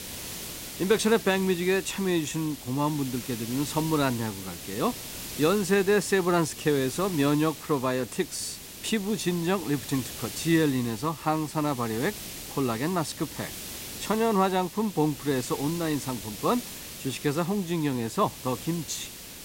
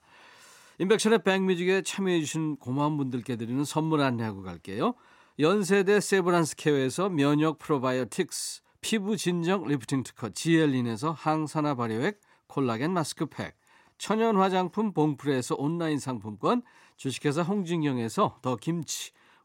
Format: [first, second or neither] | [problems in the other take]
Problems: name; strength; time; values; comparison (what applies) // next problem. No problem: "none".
second | hiss; noticeable; throughout; 10 dB below the speech